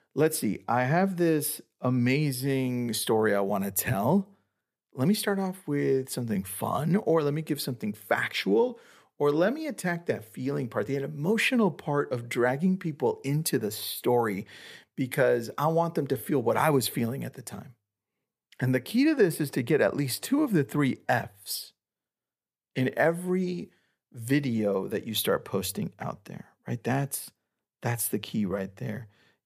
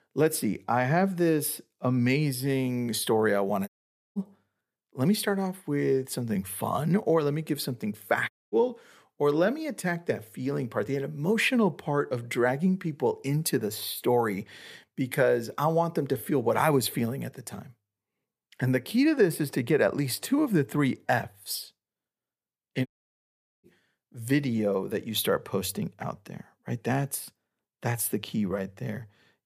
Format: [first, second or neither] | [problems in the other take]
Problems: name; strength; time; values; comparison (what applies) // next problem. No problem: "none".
first | audio cutting out; at 3.5 s, at 8.5 s and at 23 s for 1 s